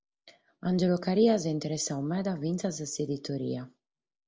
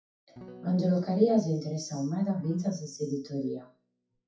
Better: first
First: none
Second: noise reduction (classical method WPE with log-MMSE)

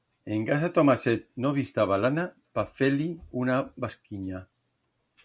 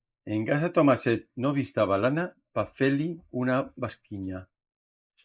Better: first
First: none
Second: noise reduction (neural mask model Resemble Enhance denoiser)

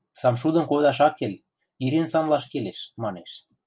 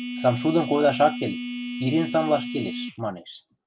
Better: first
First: none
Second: background sound (Telephone); 8 dB below the speech

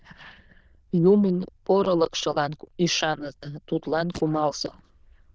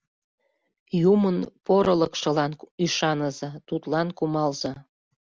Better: second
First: noise reduction (neural diffusion model UNIVERSE++)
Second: none

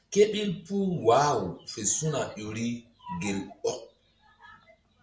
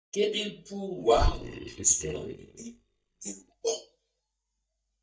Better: first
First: none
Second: noise reduction (neural mask model DeepFilterNet 3)

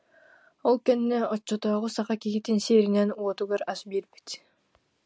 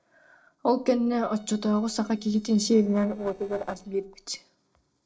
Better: first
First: none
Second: noise reduction (neural separator model SepFormer DNS4)

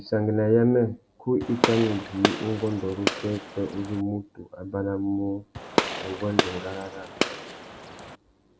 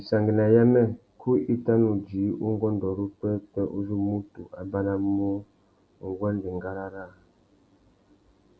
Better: second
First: background sound (Gunshot, gunfire); 2 dB below the speech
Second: none

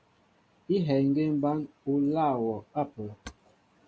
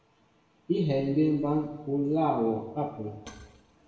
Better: first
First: none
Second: room echo; dies away in 1 s

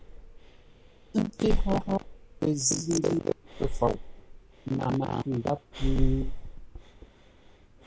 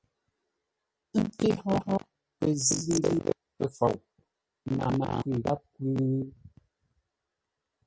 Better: second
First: background sound (Breathing); 2 dB below the speech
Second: none

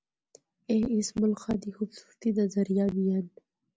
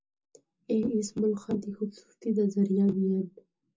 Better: first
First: none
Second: room echo; dies away in 0.2 s

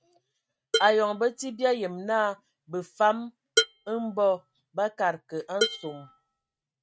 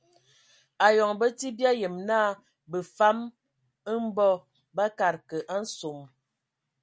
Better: second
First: noise reduction (neural mask model RNNoise)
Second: none

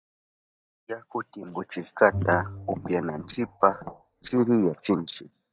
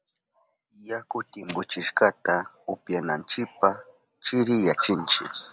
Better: second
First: noise reduction (neural mask model DeepFilterNet 3)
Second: none

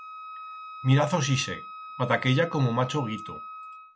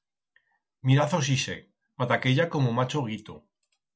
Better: second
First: background sound (Wind instrument, woodwind instrument); 13 dB below the speech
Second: none

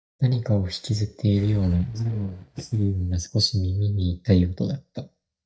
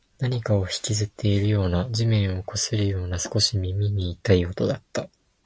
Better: second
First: noise reduction (neural mask model DeepFilterNet 3)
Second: none

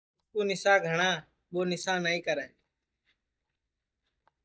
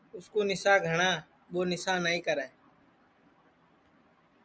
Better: second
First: noise reduction (neural mask model DeepFilterNet 3)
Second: none

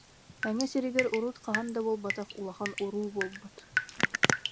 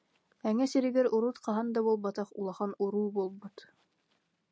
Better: second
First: background sound (Drip); 1 dB below the speech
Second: none

